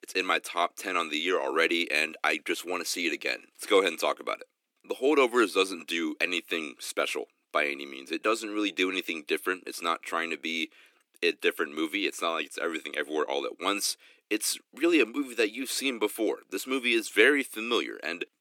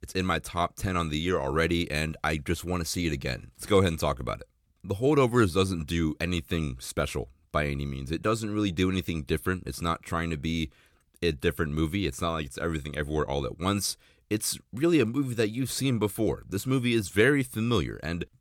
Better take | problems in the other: second | thin; somewhat; fading below 300 Hz

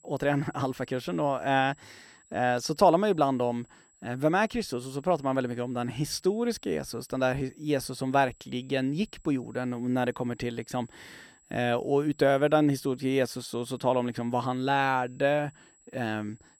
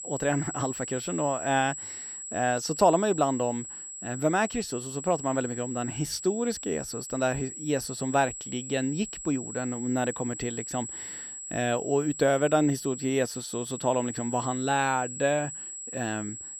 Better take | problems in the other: first | high-pitched whine; loud; throughout; 7.5 kHz, 8 dB below the speech; faint in the first

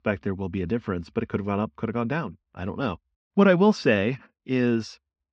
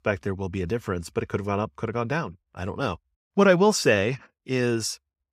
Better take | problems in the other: second | muffled; slightly; fading above 4.5 kHz

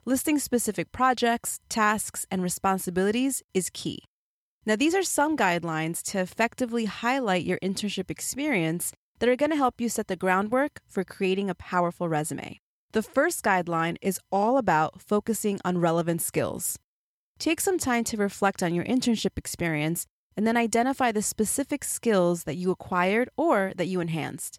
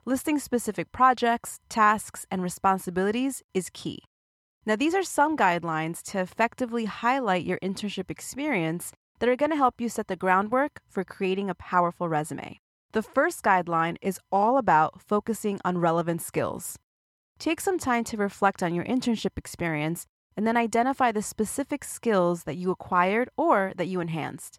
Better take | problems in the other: first | muffled; slightly; fading above 3.5 kHz

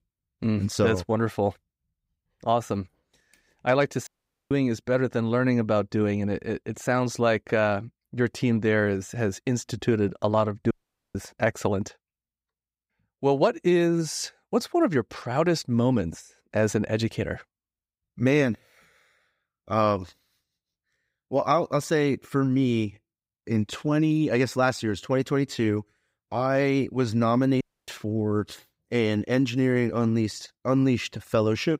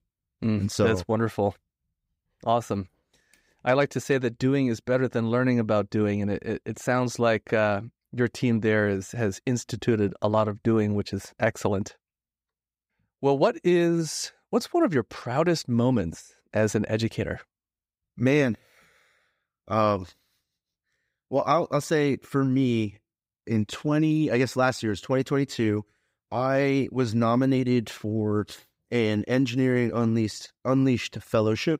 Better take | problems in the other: second | audio cutting out; at 4 s, at 11 s and at 28 s

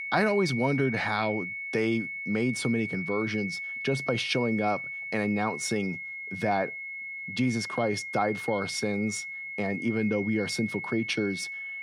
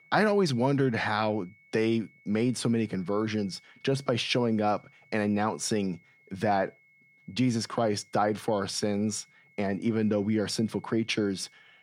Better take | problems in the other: second | high-pitched whine; loud; throughout; 2 kHz, 5 dB below the speech; faint in the second

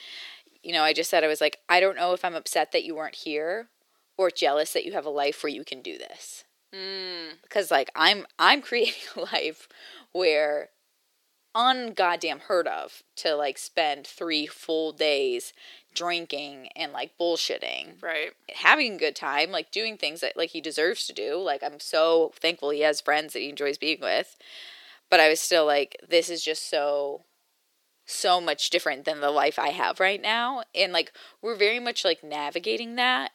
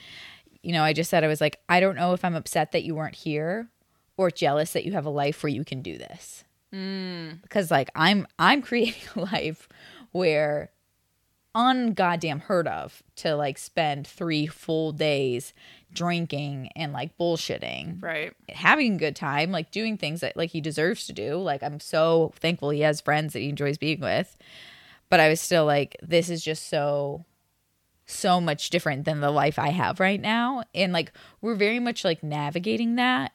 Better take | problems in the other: second | thin; somewhat; fading below 350 Hz

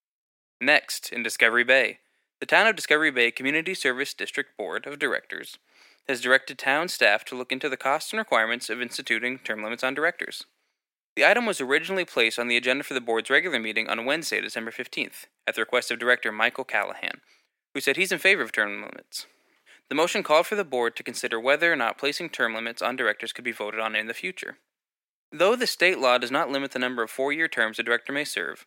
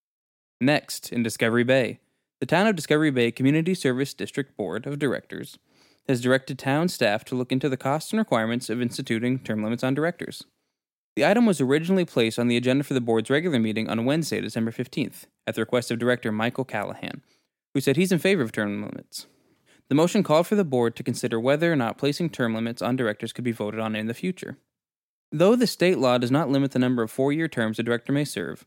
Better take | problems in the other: second | thin; somewhat; fading below 450 Hz

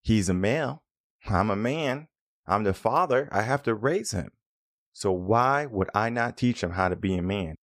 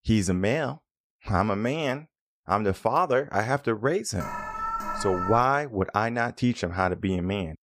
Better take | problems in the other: first | alarm; noticeable; from 4 to 5.5 s; peak 4 dB below the speech

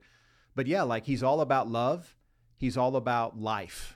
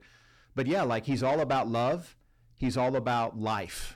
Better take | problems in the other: first | distortion; slight; 10 dB below the speech

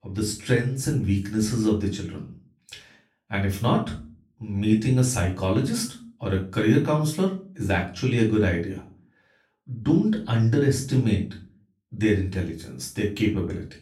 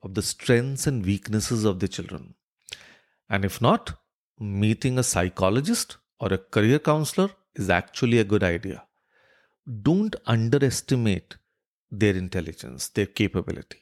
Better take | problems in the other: second | off-mic speech; far // room echo; slight; dies away in 0.3 s

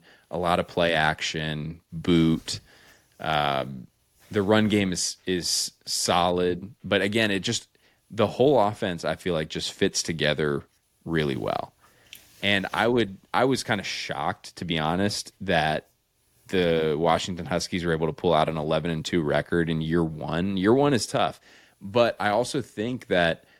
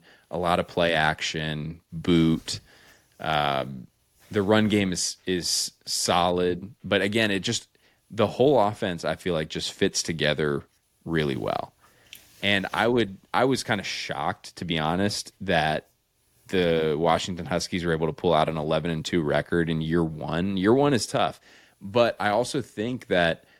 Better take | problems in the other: neither | none

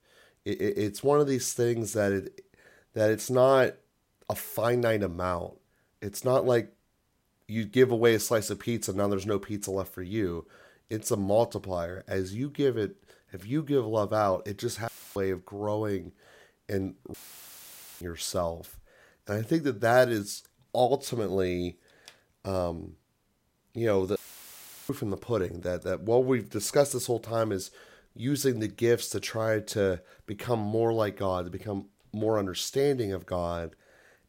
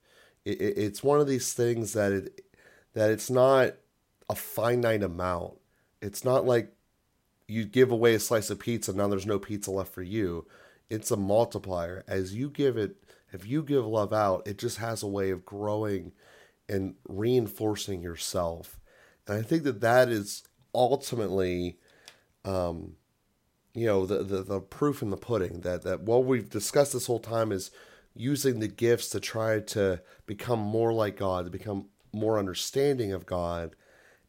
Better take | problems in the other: second | audio cutting out; filled with static; at 15 s, at 17 s for 1 s and at 24 s for 0.5 s

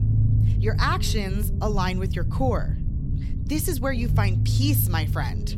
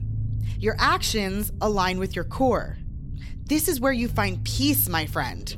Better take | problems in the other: second | low rumble; loud; throughout; 10 dB below the speech; faint in the second

